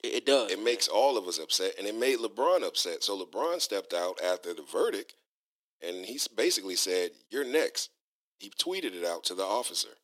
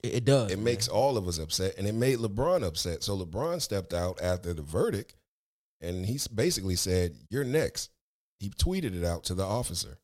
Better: second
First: thin; somewhat; fading below 300 Hz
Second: none

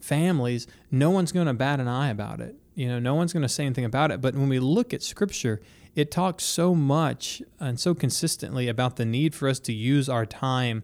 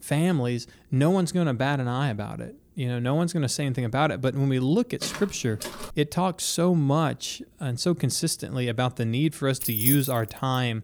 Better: first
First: none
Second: footsteps; noticeable; at 5 s; peak 9 dB below the speech // jangling keys; loud; at 9.5 s; peak 3 dB above the speech

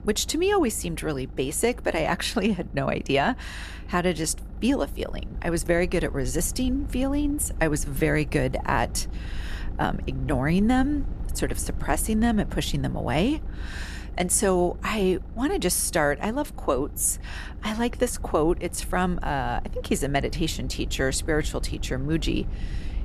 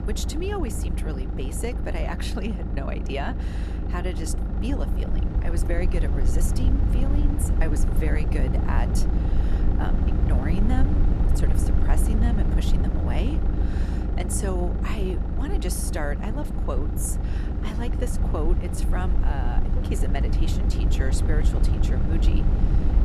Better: first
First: low rumble; faint; throughout; 20 dB below the speech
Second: low rumble; loud; throughout; 2 dB below the speech

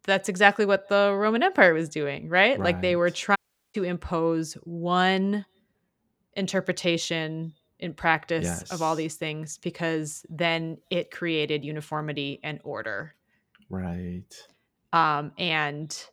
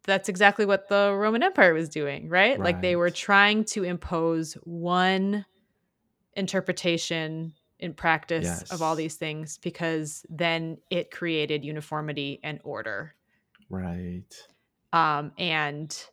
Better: second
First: audio cutting out; at 3.5 s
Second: none

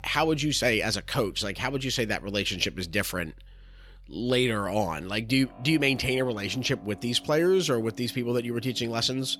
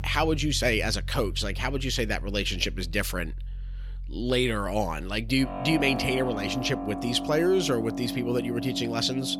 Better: first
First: background music; faint; throughout; 25 dB below the speech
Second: background music; loud; throughout; 8 dB below the speech

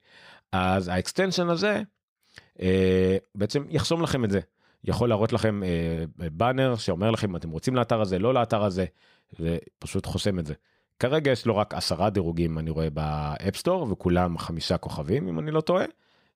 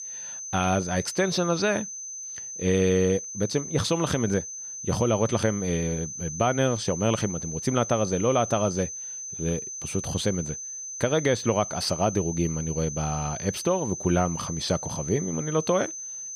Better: first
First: none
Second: high-pitched whine; loud; throughout; 6 kHz, 7 dB below the speech

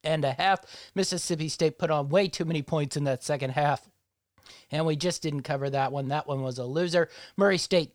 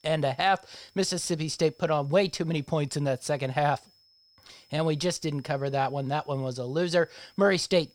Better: first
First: none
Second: high-pitched whine; faint; throughout; 5 kHz, 30 dB below the speech

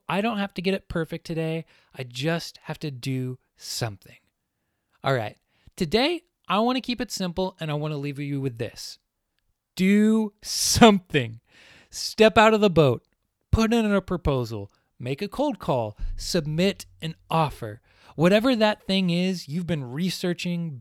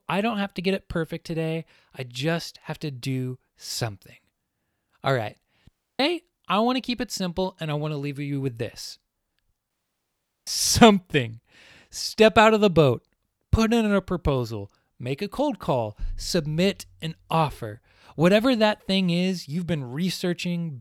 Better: first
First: none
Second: audio cutting out; at 5.5 s and at 9.5 s for 1 s

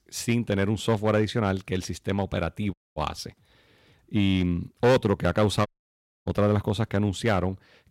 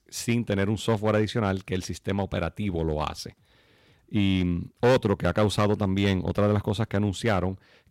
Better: second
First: audio cutting out; at 2.5 s and at 5.5 s for 0.5 s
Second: none

